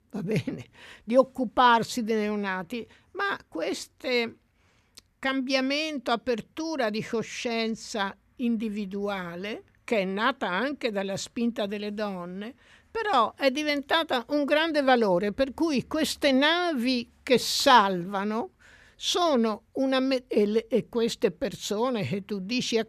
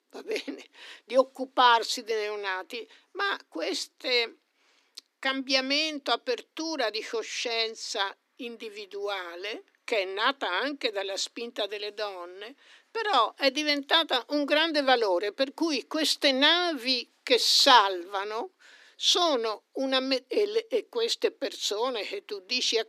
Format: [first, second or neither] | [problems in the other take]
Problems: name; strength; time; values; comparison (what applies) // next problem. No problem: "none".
first | thin; very slightly; fading below 300 Hz